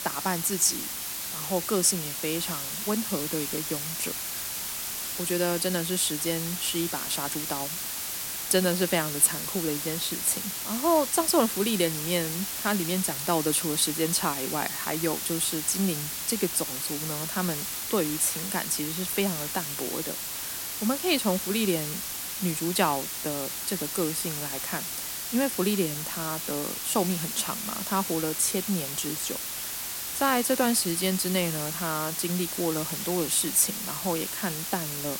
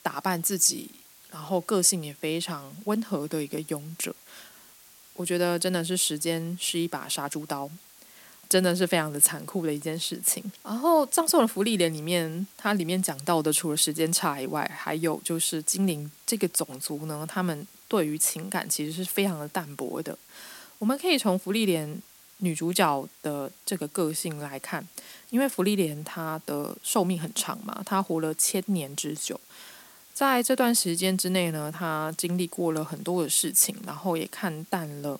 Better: second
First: hiss; loud; throughout; 3 dB below the speech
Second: hiss; faint; throughout; 25 dB below the speech

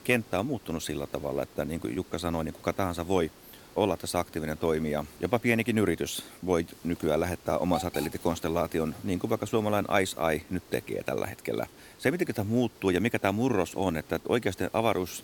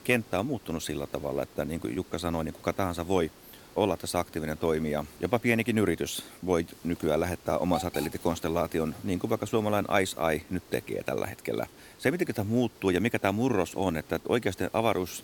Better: neither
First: hiss; faint; throughout; 20 dB below the speech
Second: hiss; faint; throughout; 20 dB below the speech

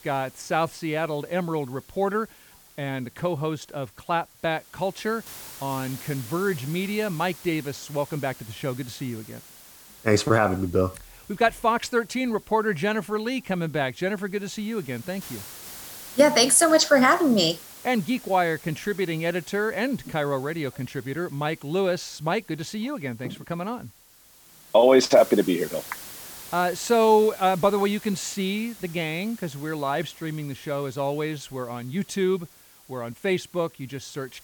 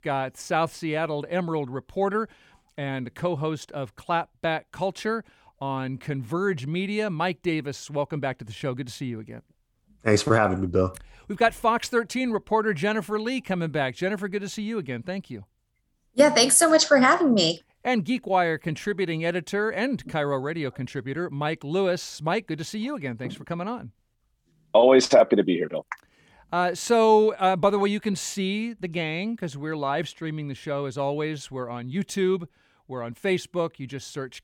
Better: second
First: hiss; noticeable; throughout; 20 dB below the speech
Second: none

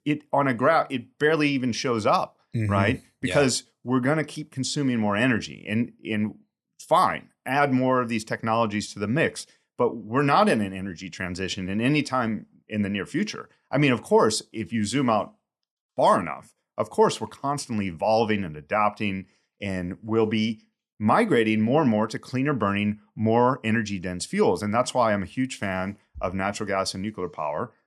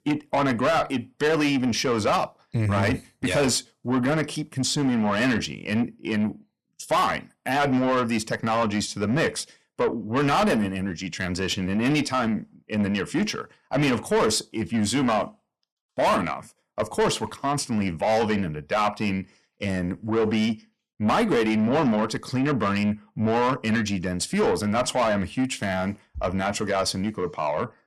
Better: first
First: none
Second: distortion; heavy; 8 dB below the speech

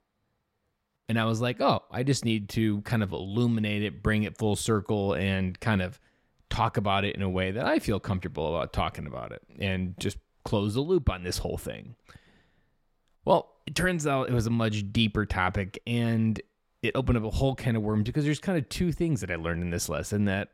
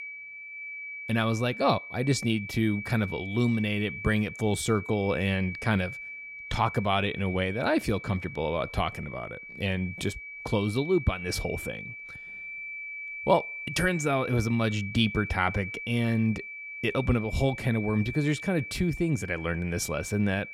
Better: first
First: none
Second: high-pitched whine; loud; throughout; 2.5 kHz, 10 dB below the speech

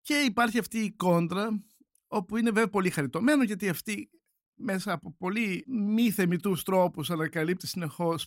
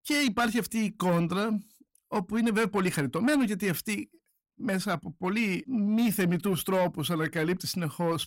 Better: first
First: none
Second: distortion; slight; 10 dB below the speech

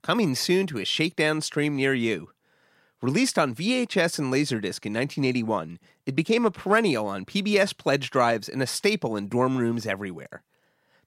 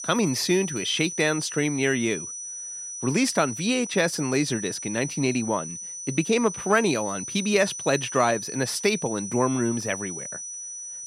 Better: first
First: none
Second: high-pitched whine; loud; throughout; 6 kHz, 8 dB below the speech

